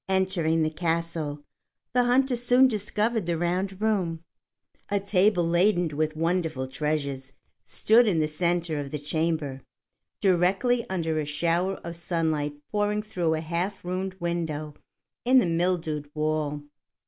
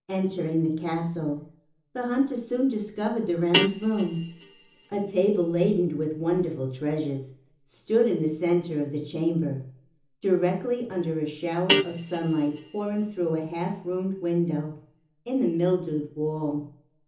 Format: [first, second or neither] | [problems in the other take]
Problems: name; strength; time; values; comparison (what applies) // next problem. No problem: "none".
first | background sound (Guitar); 6 dB below the speech // room echo; dies away in 0.7 s